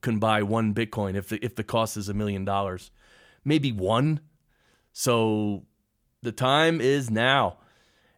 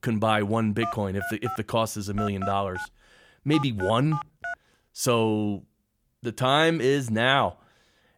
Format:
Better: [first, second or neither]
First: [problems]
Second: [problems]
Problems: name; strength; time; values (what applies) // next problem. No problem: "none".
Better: first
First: none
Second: phone ringing; noticeable; from 1 to 4.5 s; peak 8 dB below the speech